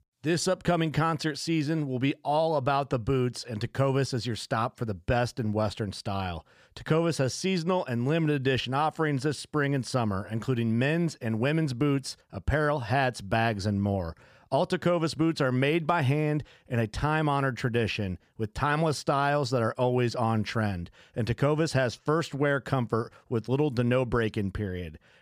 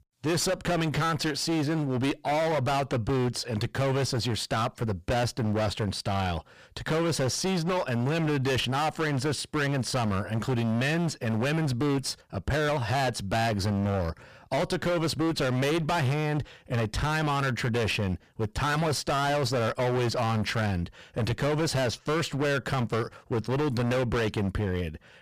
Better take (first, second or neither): first